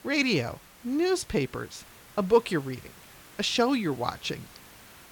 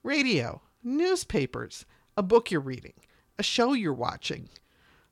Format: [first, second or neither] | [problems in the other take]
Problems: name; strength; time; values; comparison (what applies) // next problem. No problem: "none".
second | hiss; faint; throughout; 20 dB below the speech